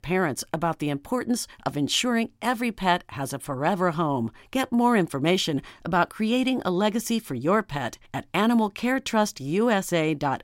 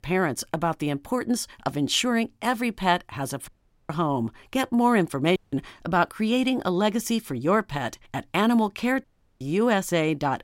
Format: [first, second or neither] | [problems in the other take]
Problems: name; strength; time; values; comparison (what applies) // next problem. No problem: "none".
first | audio cutting out; at 3.5 s, at 5.5 s and at 9 s